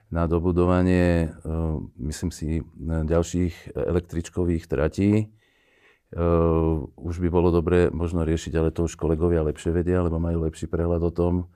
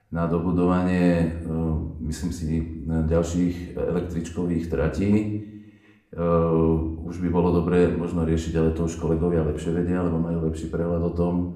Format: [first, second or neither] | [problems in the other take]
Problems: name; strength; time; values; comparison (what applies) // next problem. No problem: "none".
first | room echo; slight; dies away in 0.6 s // off-mic speech; somewhat distant